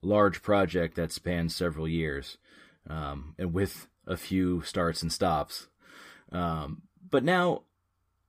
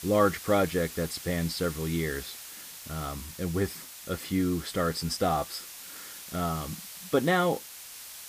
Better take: first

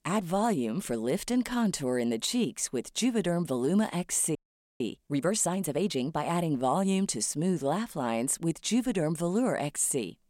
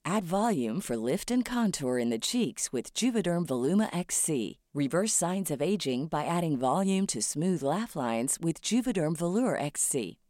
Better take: second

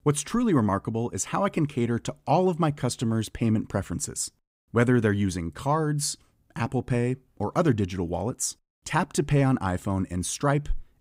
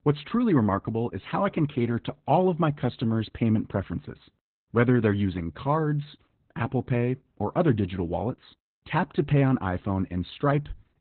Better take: first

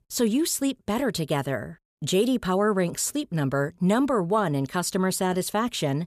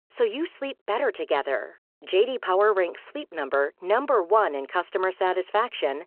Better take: first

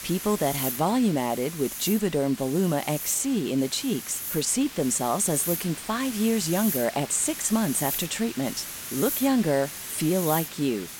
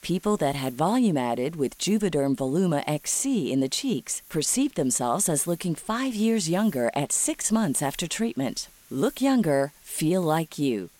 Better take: second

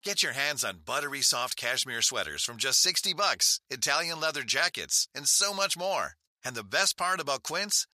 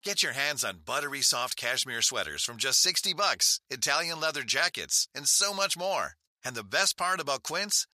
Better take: neither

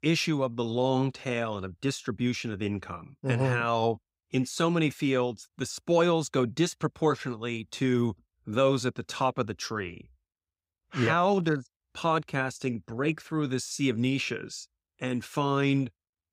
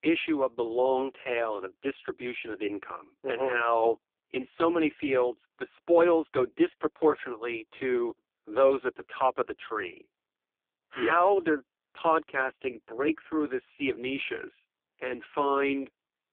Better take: first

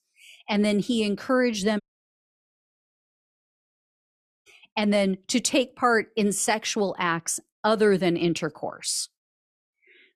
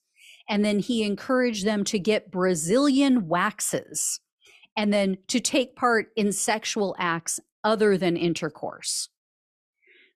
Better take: second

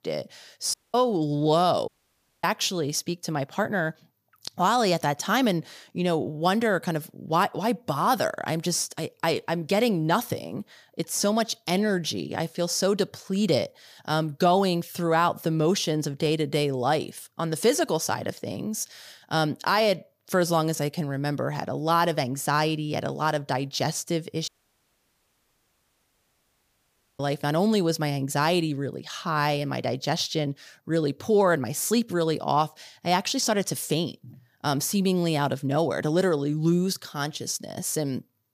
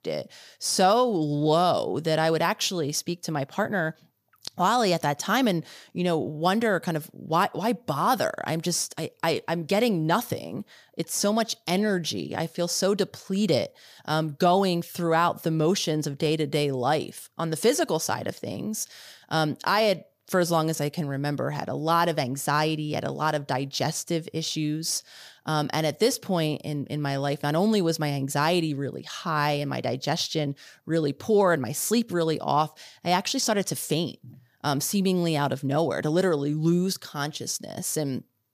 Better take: second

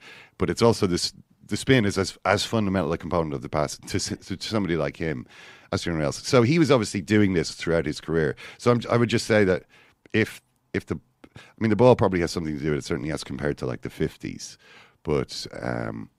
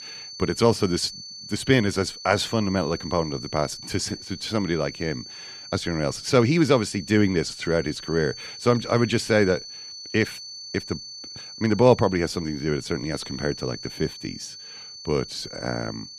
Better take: first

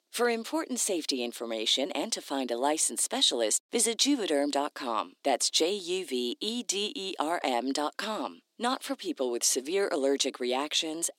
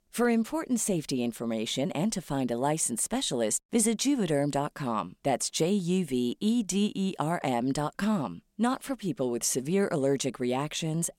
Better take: second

